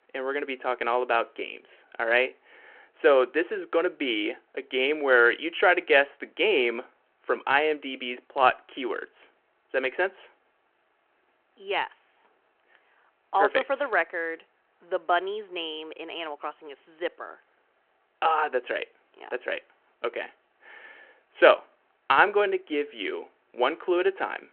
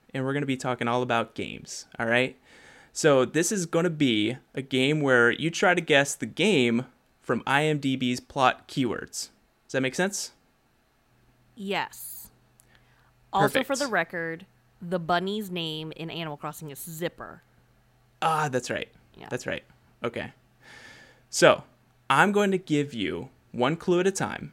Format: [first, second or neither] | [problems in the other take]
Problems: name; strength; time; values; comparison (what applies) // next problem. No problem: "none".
second | phone-call audio